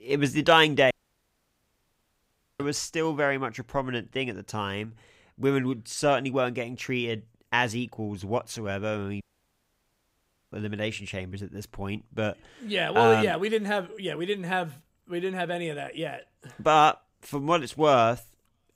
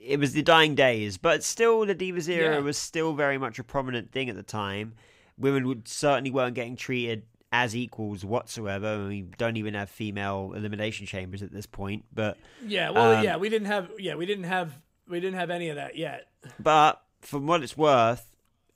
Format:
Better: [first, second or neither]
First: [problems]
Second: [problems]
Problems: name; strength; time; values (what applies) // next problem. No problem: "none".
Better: second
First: audio cutting out; at 1 s for 1.5 s and at 9 s for 1.5 s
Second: none